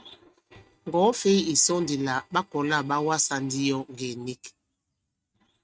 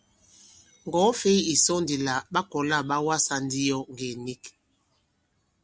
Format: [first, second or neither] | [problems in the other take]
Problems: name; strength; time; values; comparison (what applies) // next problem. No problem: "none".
second | noise reduction (neural mask model RNNoise)